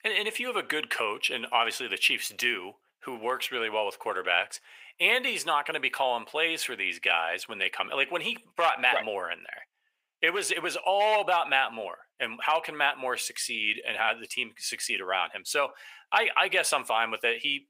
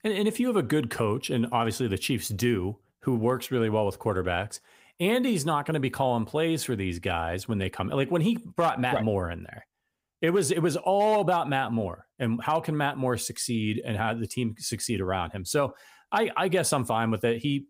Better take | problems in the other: second | thin; very; fading below 650 Hz

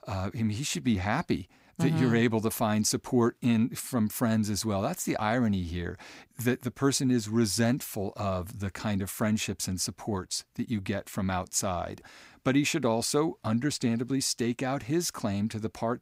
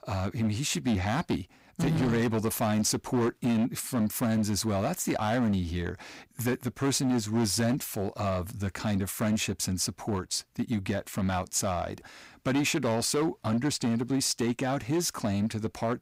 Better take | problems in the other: first | distortion; slight; 11% of the sound clipped

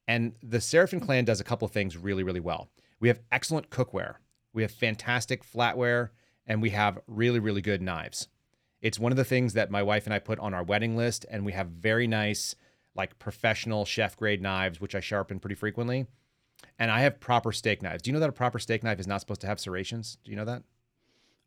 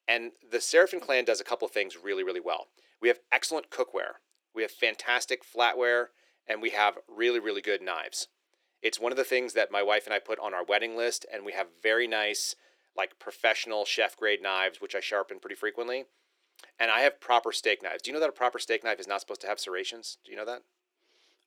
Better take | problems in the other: first | thin; very; fading below 350 Hz

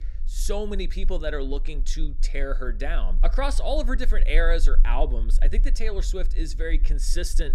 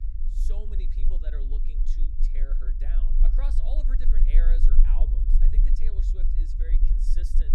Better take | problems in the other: first | low rumble; loud; throughout; 3 dB below the speech; faint in the first

